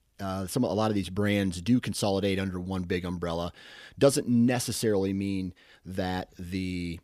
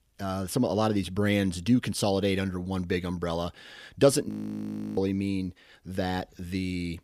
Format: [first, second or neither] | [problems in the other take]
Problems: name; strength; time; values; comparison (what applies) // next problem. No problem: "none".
first | audio freezing; at 4.5 s for 0.5 s